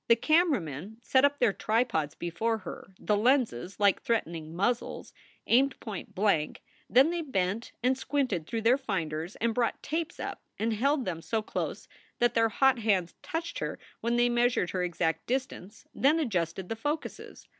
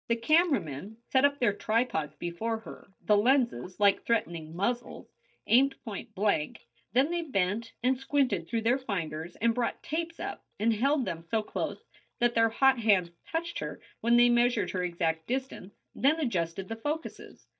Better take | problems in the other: first | noise reduction (neural mask model DeepFilterNet 3)

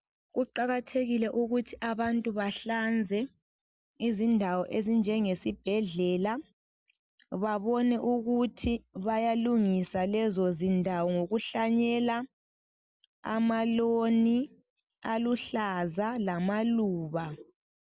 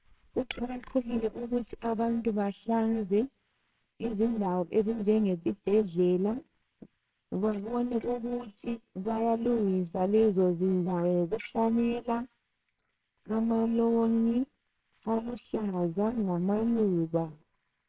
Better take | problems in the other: first | noise reduction (neural separator model SepFormer WHAMR!)

